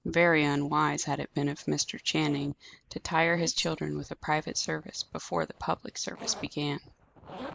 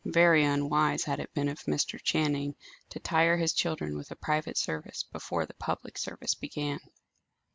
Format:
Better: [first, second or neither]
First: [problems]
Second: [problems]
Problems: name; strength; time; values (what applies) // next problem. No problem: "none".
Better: second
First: noise reduction (neural mask model Resemble Enhance denoiser)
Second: none